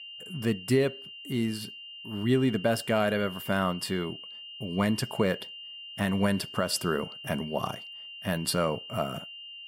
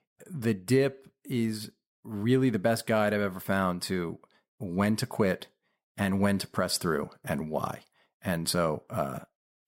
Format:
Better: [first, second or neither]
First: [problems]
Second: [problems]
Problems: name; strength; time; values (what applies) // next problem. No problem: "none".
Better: second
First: high-pitched whine; noticeable; throughout; 3 kHz, 10 dB below the speech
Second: none